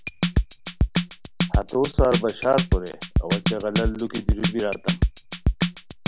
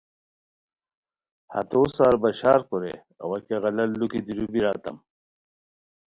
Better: second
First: background sound (Drum kit); 3 dB above the speech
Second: none

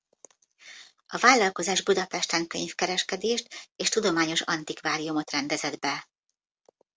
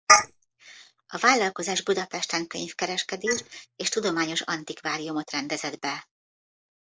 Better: first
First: none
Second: noise reduction (neural mask model Resemble Enhance denoiser)

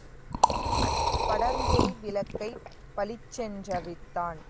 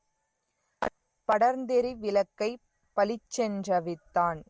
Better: second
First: background sound (Liquid); 5 dB above the speech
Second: none

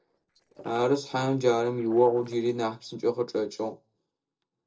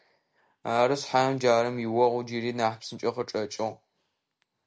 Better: second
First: noise reduction (neural separator model SepFormer DNS4)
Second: none

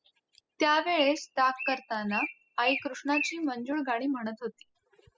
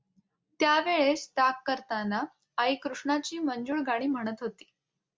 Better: second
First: noise reduction (classical method spectral subtraction)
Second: none

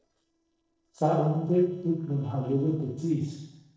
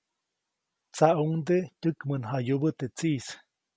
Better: second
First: noise reduction (neural separator model SepFormer DNS4)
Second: none

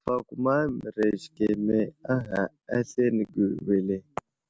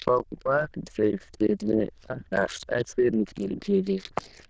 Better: first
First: none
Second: noise reduction (neural diffusion model UNIVERSE++)

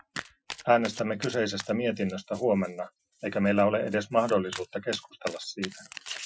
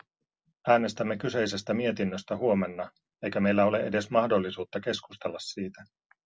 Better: second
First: noise reduction (classical method Wiener filter)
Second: none

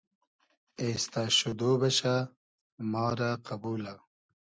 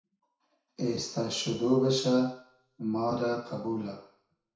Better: first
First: none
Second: room echo; dies away in 0.6 s

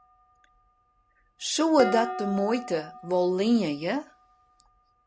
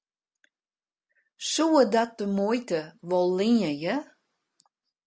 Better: second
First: background sound (Dishes, pots, and pans); 11 dB below the speech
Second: none

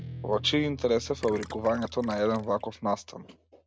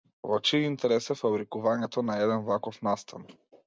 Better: second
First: background sound (Gurgling + Guitar); 15 dB below the speech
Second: none

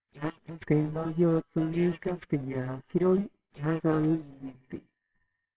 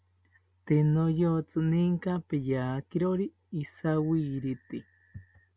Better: second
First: noise reduction (neural separator model SepFormer WHAMR!)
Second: none

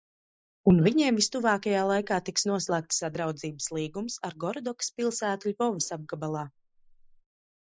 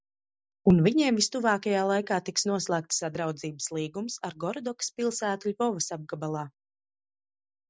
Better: second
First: noise reduction (neural mask model Resemble Enhance denoiser)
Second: none

